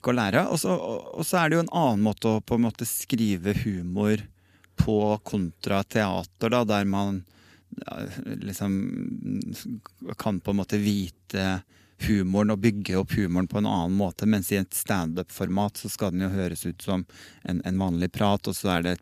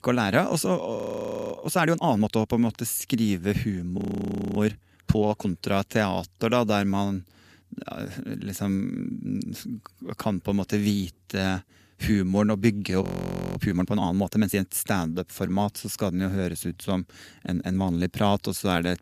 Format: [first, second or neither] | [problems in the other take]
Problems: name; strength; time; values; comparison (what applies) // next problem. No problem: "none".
first | audio freezing; at 1 s for 0.5 s, at 4 s for 0.5 s and at 13 s for 0.5 s